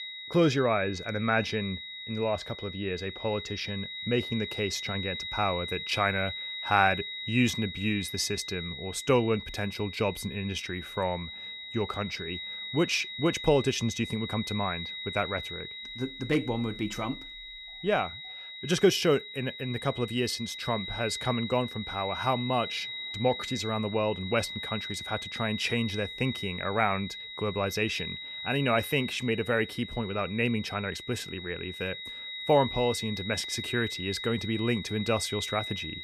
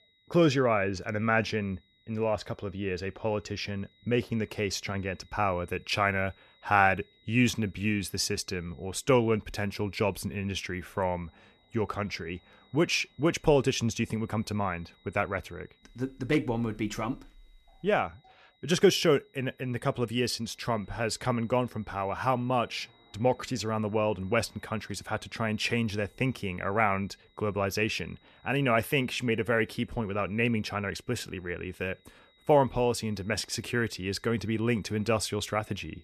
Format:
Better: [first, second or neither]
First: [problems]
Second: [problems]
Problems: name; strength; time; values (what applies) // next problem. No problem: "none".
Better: second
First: high-pitched whine; loud; throughout; 4 kHz, 7 dB below the speech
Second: high-pitched whine; faint; throughout; 4 kHz, 35 dB below the speech